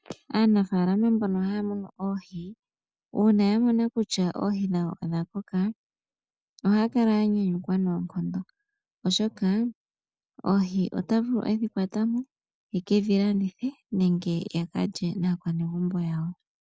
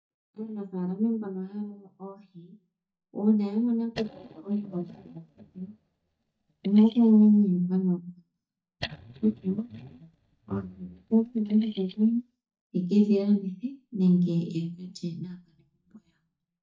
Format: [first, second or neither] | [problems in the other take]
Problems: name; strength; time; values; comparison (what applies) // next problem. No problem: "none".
first | noise reduction (neural mask model DeepFilterNet 3)